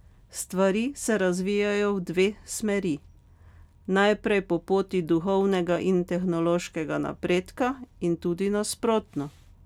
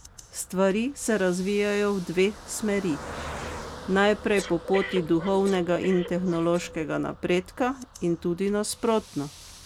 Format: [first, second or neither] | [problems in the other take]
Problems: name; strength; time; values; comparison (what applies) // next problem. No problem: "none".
first | background sound (Car passing by + Breathing); 14 dB below the speech